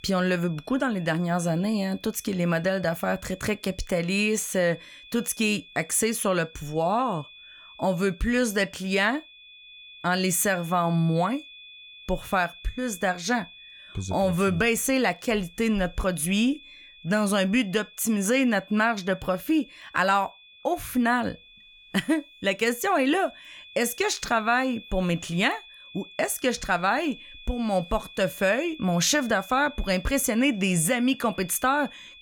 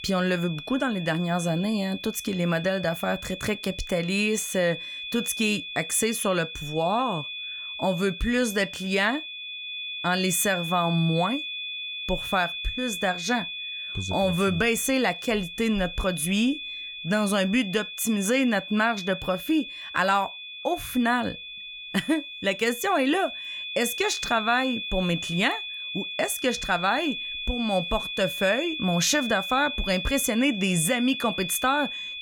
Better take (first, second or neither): first